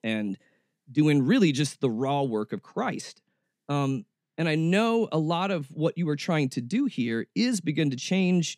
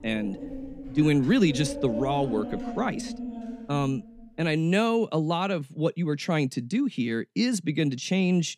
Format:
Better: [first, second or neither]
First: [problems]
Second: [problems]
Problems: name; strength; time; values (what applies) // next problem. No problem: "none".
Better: first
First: none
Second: dog barking; noticeable; until 4.5 s; peak 6 dB below the speech